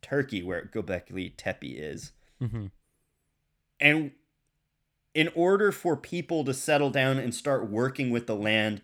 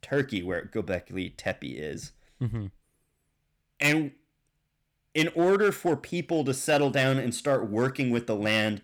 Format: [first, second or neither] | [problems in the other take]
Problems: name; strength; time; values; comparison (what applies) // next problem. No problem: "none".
first | distortion; slight; 2% of the sound clipped